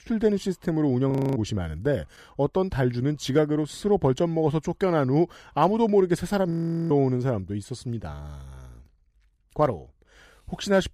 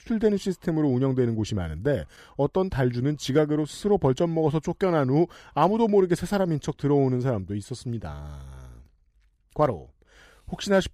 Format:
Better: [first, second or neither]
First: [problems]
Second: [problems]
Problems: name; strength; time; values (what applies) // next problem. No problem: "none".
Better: second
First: audio freezing; at 1 s and at 6.5 s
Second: none